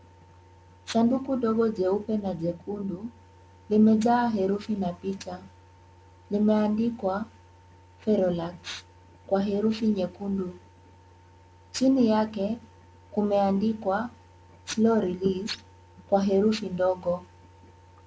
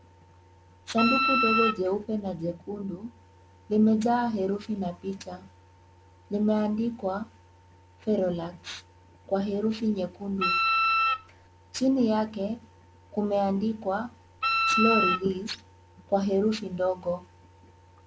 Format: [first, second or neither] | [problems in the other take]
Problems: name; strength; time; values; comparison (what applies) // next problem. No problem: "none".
first | background sound (Wind instrument, woodwind instrument); 3 dB above the speech